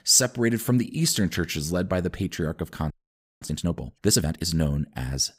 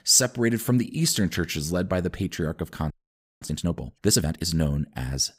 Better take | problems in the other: neither | audio freezing; at 3 s for 0.5 s; the same in both

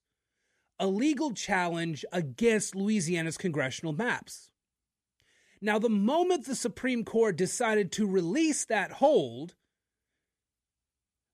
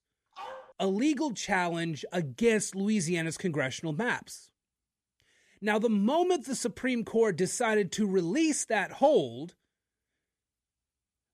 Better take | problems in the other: first | dog barking; faint; at 0.5 s; peak 15 dB below the speech

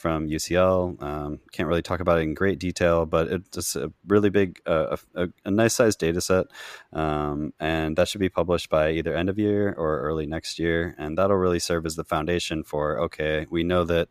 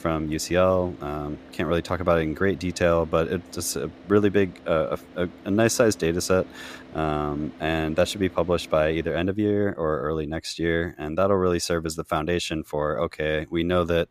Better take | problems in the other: first | traffic noise; faint; throughout; 20 dB below the speech

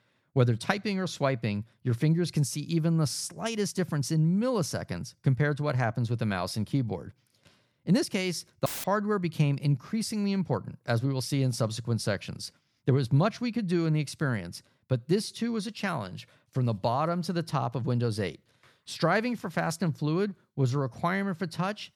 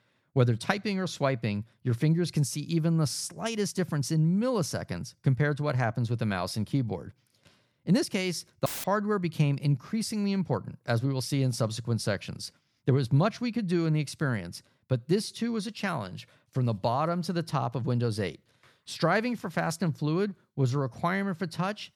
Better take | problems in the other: neither | audio cutting out; filled with static; at 8.5 s; the same in both

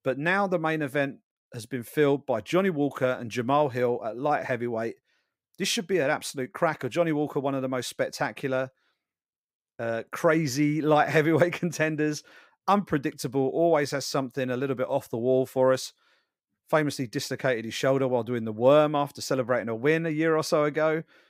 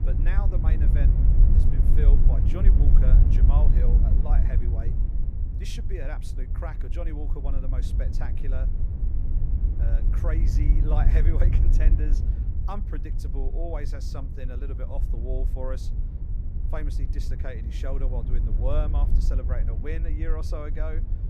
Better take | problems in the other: first | wind noise on the microphone; heavy; 3 dB below the speech

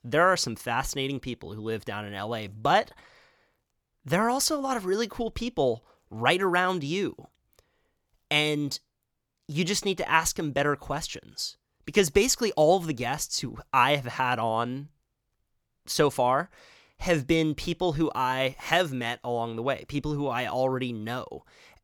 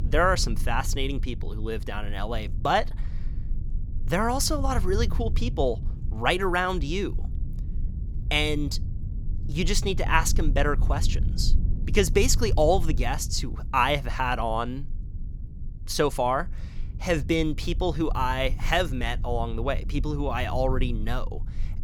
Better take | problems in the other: first | low rumble; faint; throughout; 20 dB below the speech

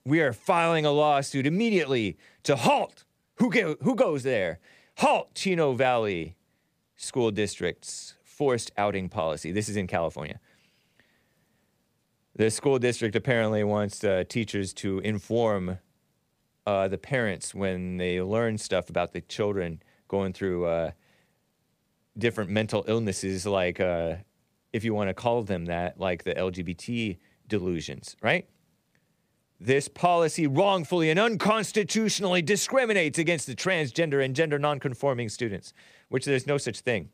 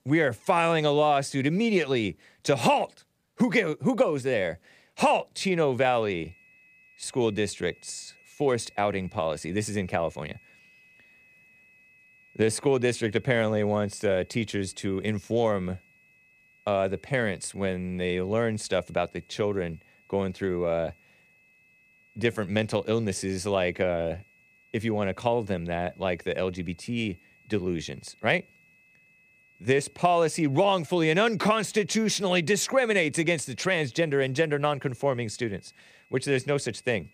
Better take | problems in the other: first | high-pitched whine; faint; from 6 s on; 2.5 kHz, 30 dB below the speech

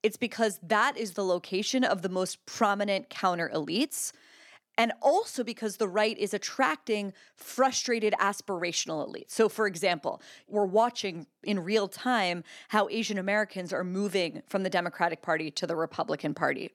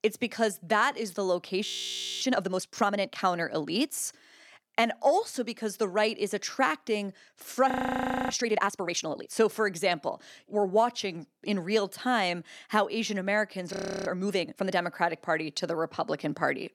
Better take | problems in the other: first | audio freezing; at 1.5 s for 0.5 s, at 7.5 s for 0.5 s and at 14 s

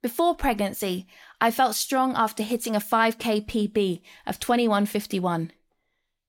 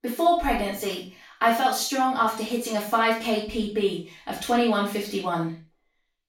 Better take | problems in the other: first | room echo; noticeable; dies away in 0.3 s // off-mic speech; far

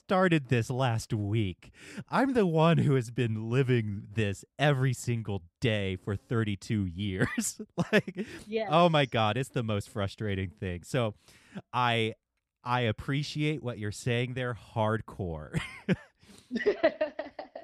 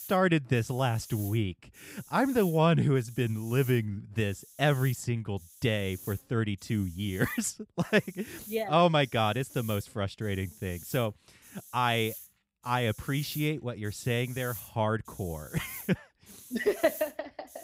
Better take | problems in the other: first | hiss; noticeable; throughout; 15 dB below the speech

